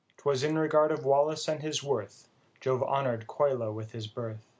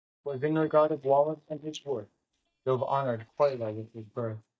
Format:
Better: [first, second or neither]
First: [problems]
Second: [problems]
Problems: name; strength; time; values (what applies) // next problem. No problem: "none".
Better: first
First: none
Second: noise reduction (neural mask model DeepFilterNet 3)